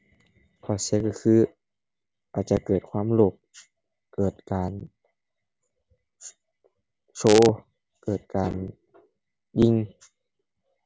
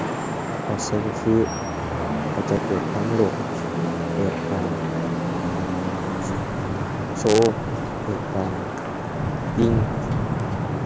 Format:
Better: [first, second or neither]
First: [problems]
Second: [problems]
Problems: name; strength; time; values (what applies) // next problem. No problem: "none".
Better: first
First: none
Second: background sound (Traffic noise, roadway noise / Vehicle horn, car horn, honking); 1 dB above the speech